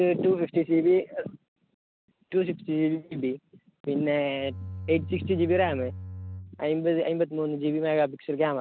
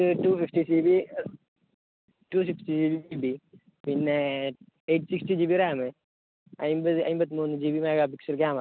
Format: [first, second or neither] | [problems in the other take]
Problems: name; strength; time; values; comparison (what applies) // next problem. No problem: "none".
second | background sound (Bowed string instrument); 11 dB below the speech